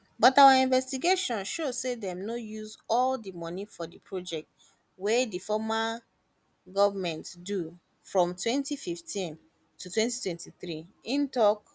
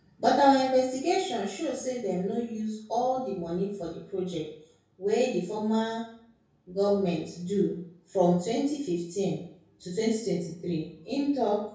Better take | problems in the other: first | room echo; dies away in 0.6 s

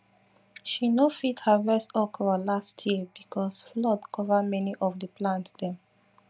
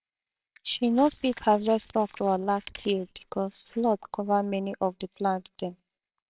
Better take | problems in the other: first | noise reduction (neural separator model SepFormer WHAMR!)

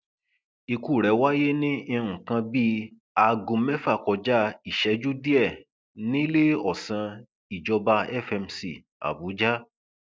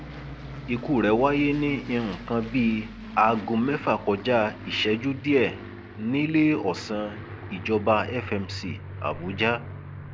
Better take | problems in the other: first | background sound (Aircraft); 13 dB below the speech

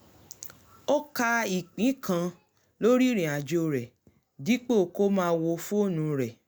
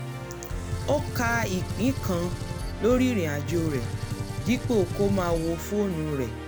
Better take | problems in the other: first | background sound (Gunshot, gunfire + Musical instrument); 4 dB below the speech

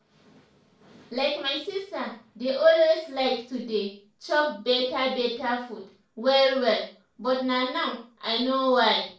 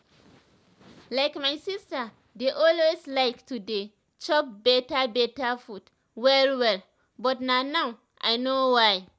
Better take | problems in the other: second | room echo; dies away in 0.4 s

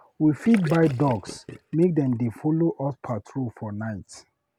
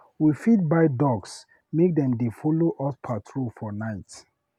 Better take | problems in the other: second | background sound (Gurgling / Liquid); 15 dB below the speech

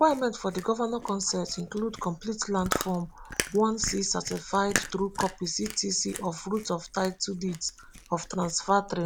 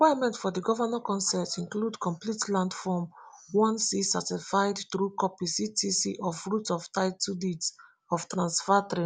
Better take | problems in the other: second | background sound (Chewing, mastication); 10 dB below the speech

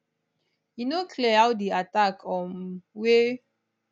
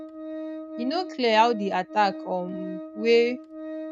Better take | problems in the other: first | noise reduction (neural mask model RNNoise)

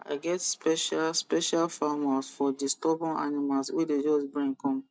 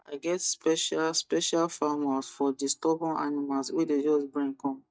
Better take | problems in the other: first | noise reduction (neural mask model DeepFilterNet 3)

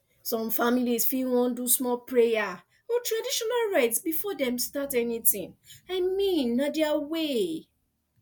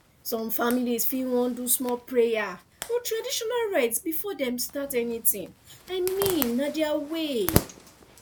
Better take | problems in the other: first | background sound (Zipper (clothing)); 10 dB below the speech

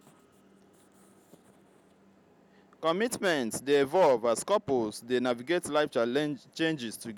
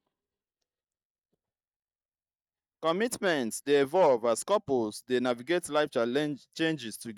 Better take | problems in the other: first | noise reduction (neural mask model DeepFilterNet 3)

